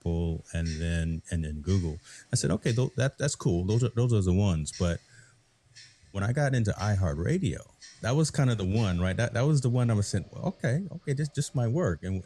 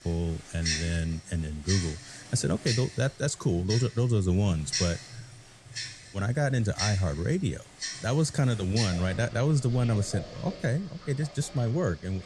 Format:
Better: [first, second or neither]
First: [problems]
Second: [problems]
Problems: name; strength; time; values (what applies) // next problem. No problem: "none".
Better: first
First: household noises; faint; throughout; 20 dB below the speech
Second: household noises; loud; throughout; 7 dB below the speech